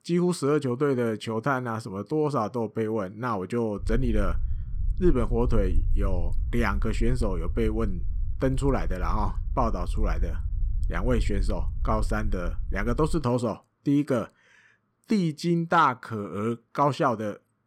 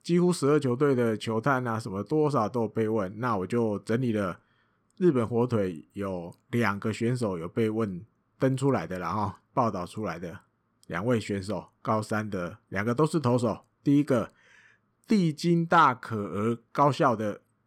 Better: second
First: low rumble; faint; from 4 to 13 s; 25 dB below the speech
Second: none

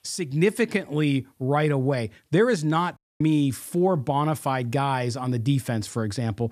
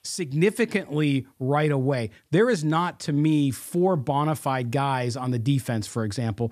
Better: second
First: audio cutting out; at 3 s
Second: none

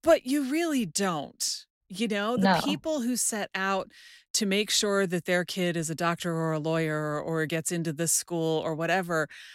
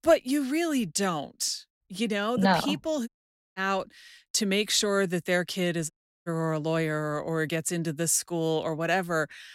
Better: first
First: none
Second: audio cutting out; at 3 s and at 6 s

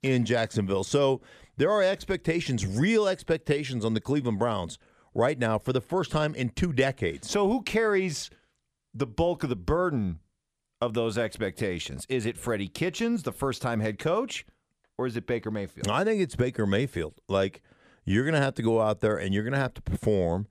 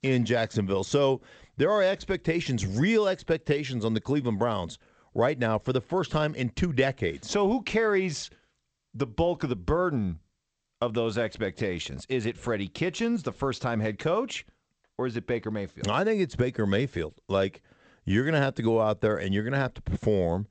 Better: first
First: none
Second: garbled, watery; slightly; nothing above 8 kHz

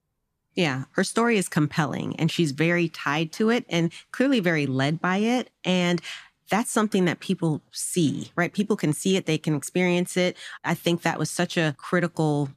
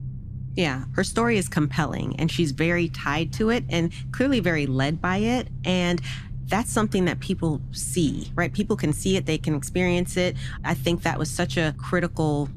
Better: first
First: none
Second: low rumble; faint; throughout; 20 dB below the speech

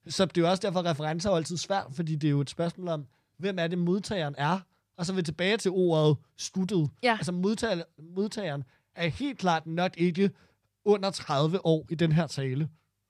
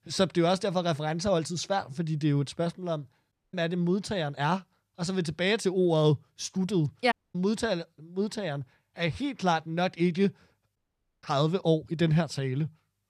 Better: first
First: none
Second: audio cutting out; at 3.5 s, at 7 s and at 11 s

